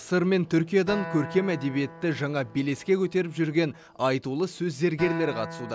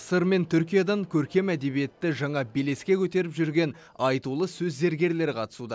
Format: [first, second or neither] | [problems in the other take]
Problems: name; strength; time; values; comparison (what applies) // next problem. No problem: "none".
second | background sound (Acoustic guitar); 15 dB below the speech